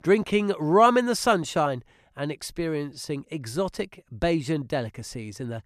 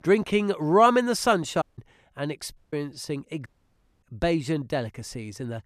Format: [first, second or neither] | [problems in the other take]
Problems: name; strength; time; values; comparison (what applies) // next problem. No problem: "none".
first | audio cutting out; at 1.5 s, at 2.5 s and at 3.5 s for 0.5 s